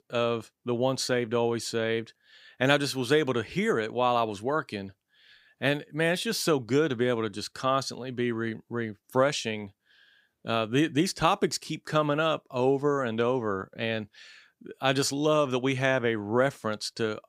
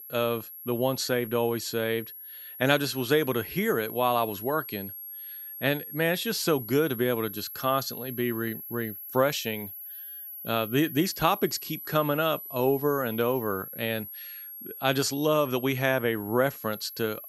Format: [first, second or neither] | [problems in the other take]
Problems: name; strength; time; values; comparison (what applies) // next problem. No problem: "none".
first | high-pitched whine; noticeable; throughout; 11.5 kHz, 10 dB below the speech